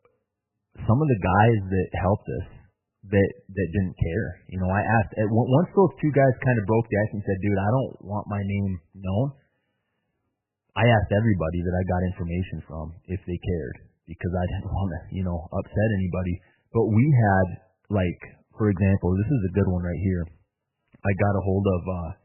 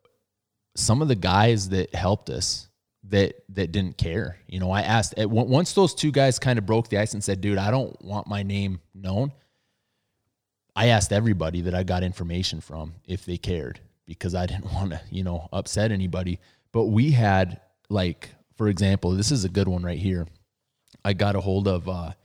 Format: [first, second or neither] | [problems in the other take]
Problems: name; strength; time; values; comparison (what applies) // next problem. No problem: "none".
second | garbled, watery; badly; nothing above 3 kHz